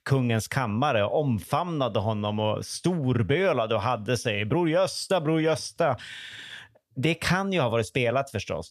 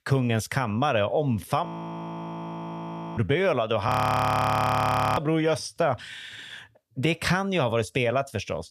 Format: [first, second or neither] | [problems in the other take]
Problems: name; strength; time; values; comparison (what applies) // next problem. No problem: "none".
first | audio freezing; at 1.5 s for 1.5 s and at 4 s for 1.5 s